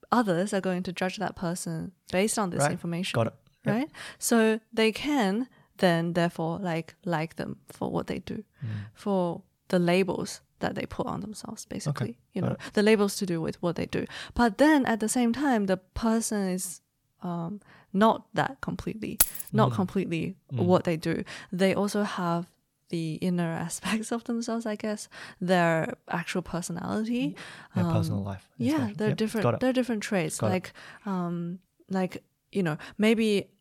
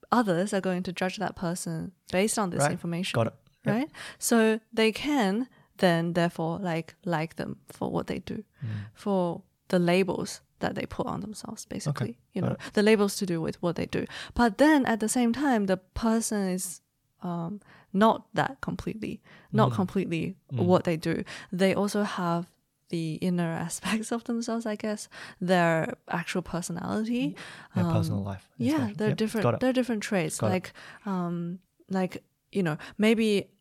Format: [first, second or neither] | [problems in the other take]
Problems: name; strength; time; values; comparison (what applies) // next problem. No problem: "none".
second | jangling keys; loud; at 19 s; peak 5 dB above the speech